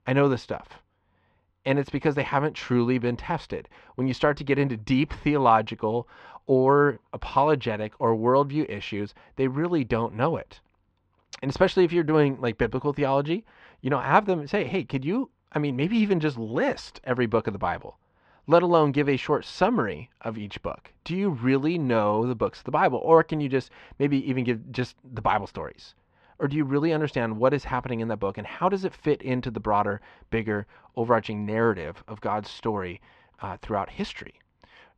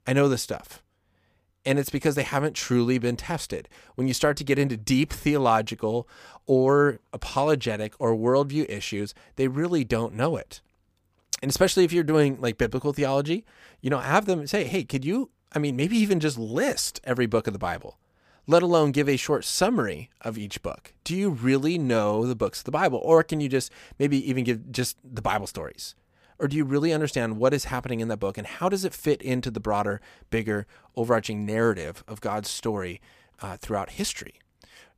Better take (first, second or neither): second